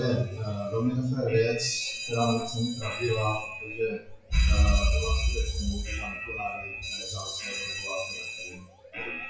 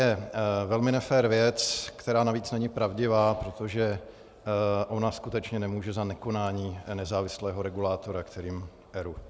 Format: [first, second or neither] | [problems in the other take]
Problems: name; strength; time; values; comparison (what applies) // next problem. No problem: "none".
second | noise reduction (classical method WPE with log-MMSE)